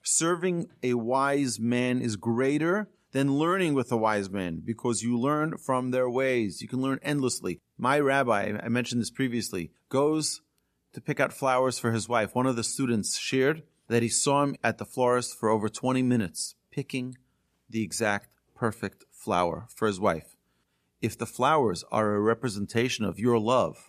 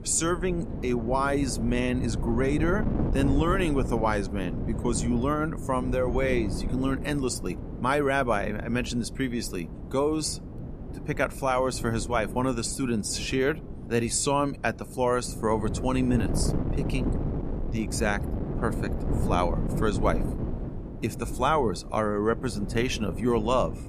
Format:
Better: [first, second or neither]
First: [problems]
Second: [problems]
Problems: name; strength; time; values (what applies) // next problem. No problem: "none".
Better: first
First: none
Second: wind noise on the microphone; occasional gusts; 10 dB below the speech